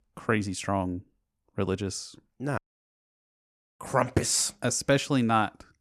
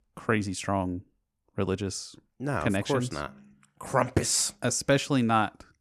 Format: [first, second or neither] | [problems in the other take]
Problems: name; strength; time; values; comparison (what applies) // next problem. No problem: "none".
second | audio cutting out; at 2.5 s for 1 s